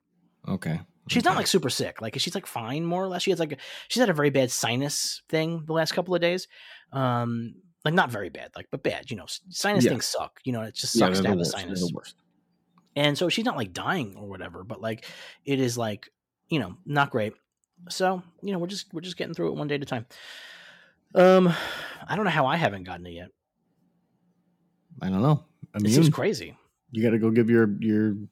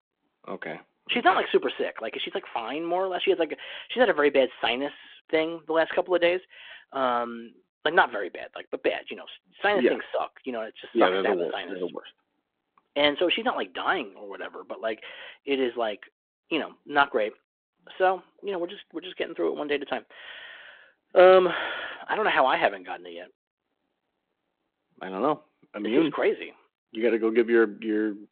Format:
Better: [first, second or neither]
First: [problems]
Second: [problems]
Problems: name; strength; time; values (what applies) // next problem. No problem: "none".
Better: first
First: none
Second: phone-call audio